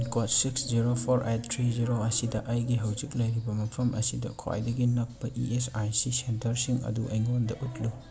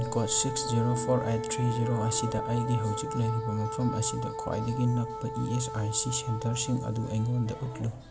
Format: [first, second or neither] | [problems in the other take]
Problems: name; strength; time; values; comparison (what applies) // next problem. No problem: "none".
first | background sound (Wind instrument, woodwind instrument); 7 dB below the speech